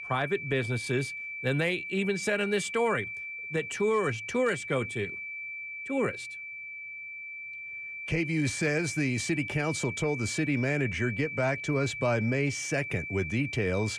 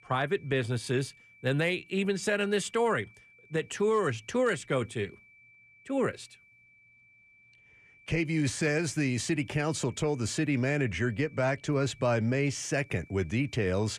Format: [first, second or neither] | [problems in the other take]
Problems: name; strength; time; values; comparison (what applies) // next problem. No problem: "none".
second | high-pitched whine; loud; throughout; 2.5 kHz, 6 dB below the speech; faint in the second